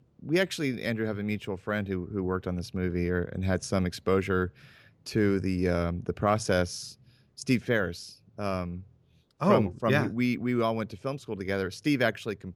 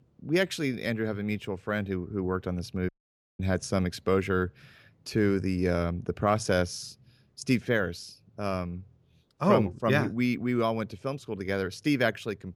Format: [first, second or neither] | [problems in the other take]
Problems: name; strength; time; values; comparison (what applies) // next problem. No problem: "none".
first | audio cutting out; at 3 s for 0.5 s